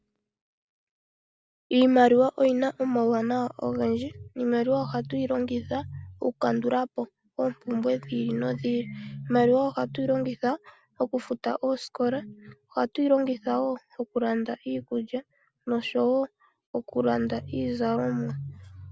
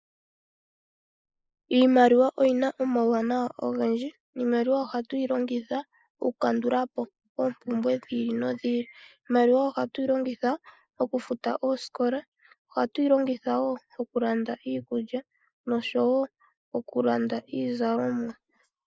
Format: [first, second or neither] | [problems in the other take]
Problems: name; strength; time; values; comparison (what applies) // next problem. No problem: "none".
first | noise reduction (neural mask model Resemble Enhance denoiser)